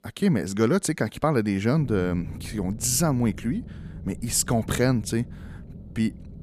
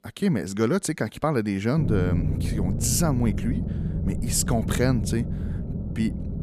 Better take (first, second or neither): first